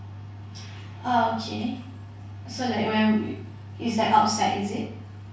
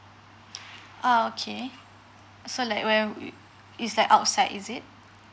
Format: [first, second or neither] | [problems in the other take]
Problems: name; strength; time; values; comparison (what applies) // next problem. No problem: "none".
second | room echo; dies away in 0.6 s